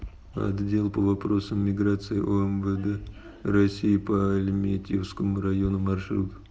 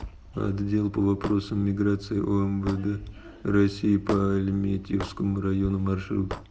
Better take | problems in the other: first | background sound (Hammer / Wood); 17 dB below the speech

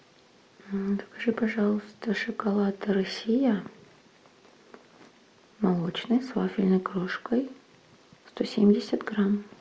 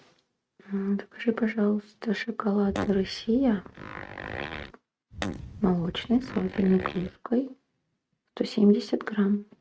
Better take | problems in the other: first | noise reduction (neural mask model RNNoise)

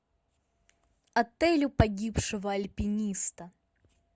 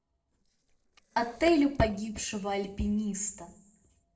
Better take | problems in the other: first | noise reduction (neural separator model SepFormer DNS4)

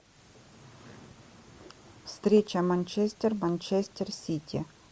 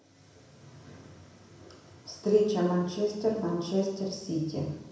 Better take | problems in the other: first | room echo; dies away in 0.8 s

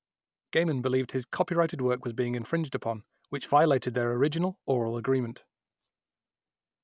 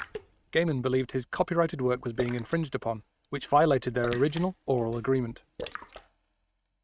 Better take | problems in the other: first | noise reduction (neural mask model RNNoise)

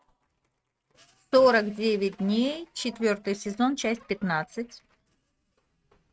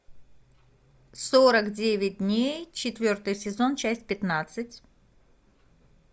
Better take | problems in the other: second | noise reduction (neural mask model RNNoise)

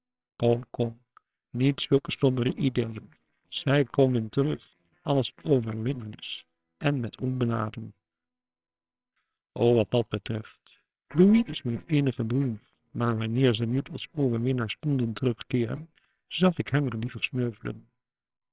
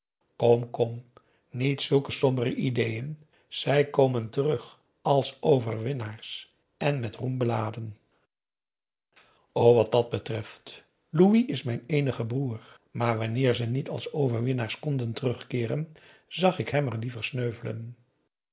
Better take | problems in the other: second | noise reduction (neural separator model SepFormer WHAMR!)

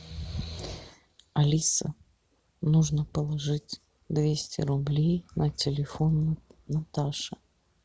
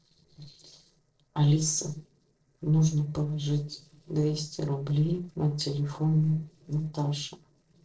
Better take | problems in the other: first | noise reduction (neural separator model SepFormer DNS4)

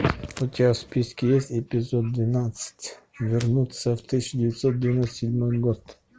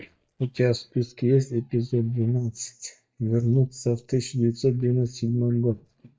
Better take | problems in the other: first | noise reduction (neural mask model DeepFilterNet 3)

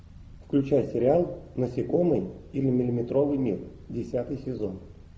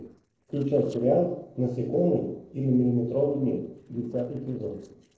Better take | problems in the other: first | noise reduction (neural separator model SepFormer DNS4)

